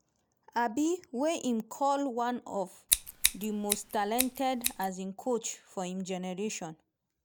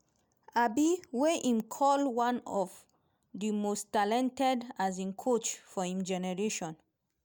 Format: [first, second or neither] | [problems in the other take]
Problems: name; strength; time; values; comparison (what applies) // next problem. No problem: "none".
second | background sound (Scissors); as loud as the speech